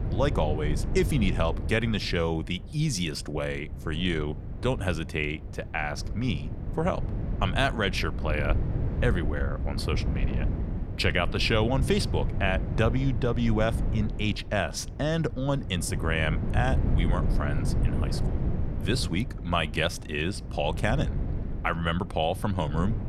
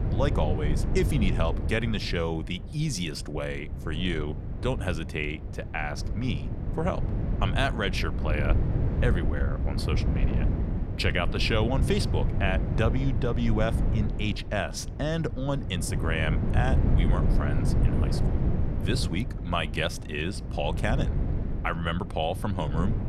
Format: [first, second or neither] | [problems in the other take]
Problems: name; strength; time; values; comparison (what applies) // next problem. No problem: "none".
first | wind noise on the microphone; heavy; 8 dB below the speech; occasional gusts in the first